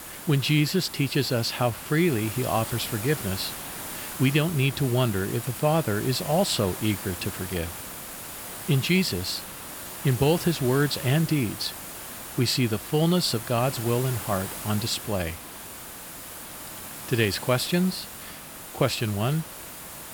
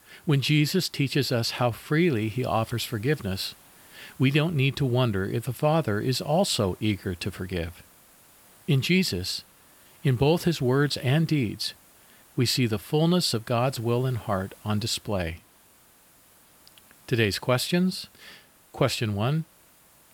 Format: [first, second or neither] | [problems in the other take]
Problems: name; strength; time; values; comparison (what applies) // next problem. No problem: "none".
second | hiss; loud; throughout; 10 dB below the speech; faint in the second